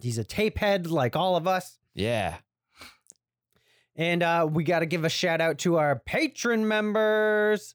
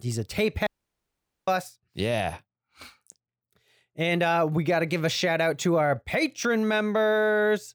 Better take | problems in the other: first | audio cutting out; at 0.5 s for 1 s

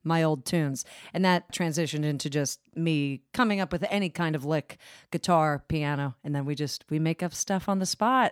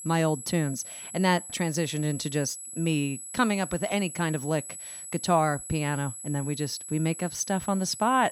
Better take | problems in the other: first | high-pitched whine; loud; throughout; 8 kHz, 10 dB below the speech

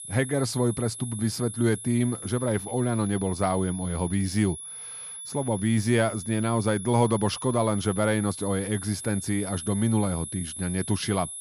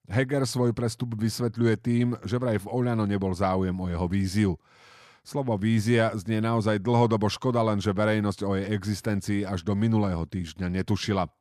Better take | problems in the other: second | high-pitched whine; loud; throughout; 10.5 kHz, 9 dB below the speech

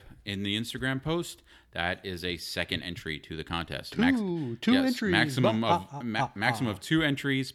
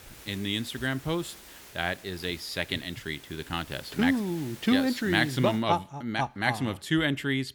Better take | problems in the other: first | hiss; noticeable; until 5.5 s; 20 dB below the speech

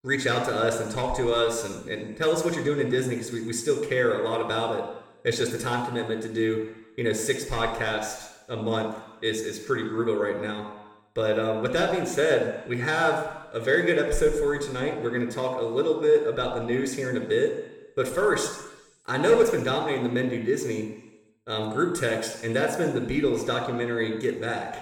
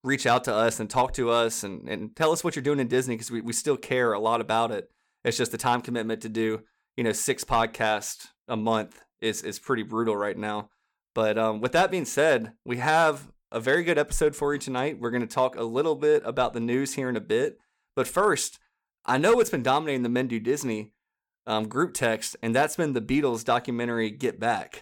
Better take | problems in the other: second | room echo; noticeable; dies away in 1 s // off-mic speech; somewhat distant

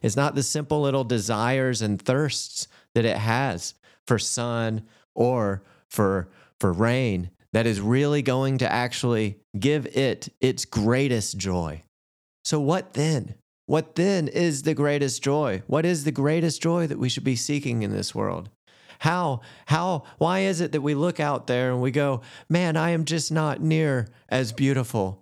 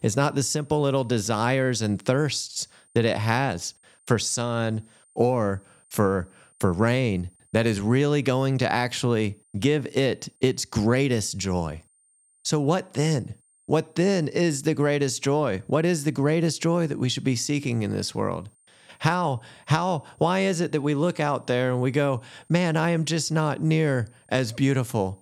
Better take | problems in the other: first | high-pitched whine; faint; throughout; 8.5 kHz, 35 dB below the speech

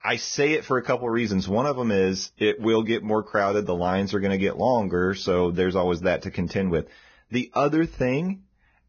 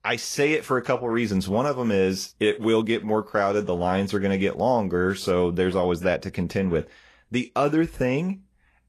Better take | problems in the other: second | garbled, watery; badly; nothing above 6.5 kHz; slightly in the second

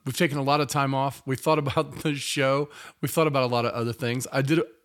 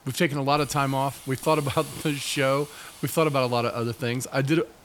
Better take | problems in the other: first | hiss; noticeable; throughout; 15 dB below the speech

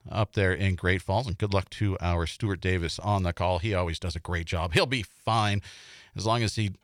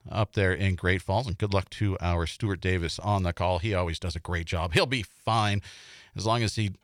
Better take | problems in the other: neither | none

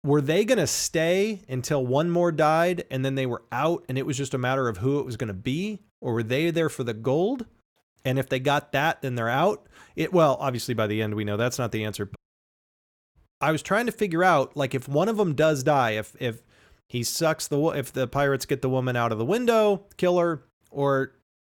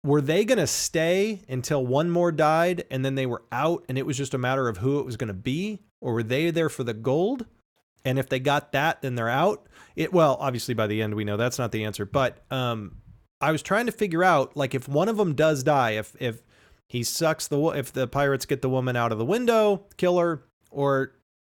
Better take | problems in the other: second | audio cutting out; at 12 s for 1 s

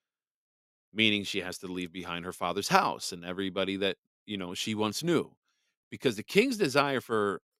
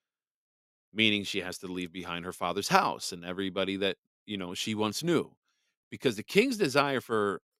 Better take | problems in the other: neither | none

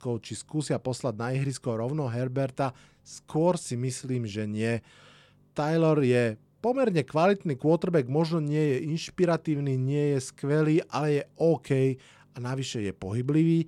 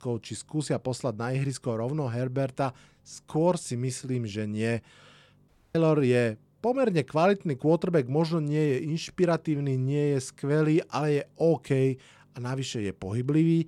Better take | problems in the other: first | audio cutting out; at 5.5 s

